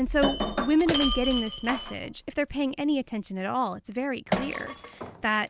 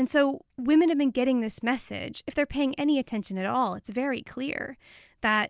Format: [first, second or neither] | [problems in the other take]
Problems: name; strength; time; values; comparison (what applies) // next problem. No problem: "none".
second | background sound (Shatter); 5 dB below the speech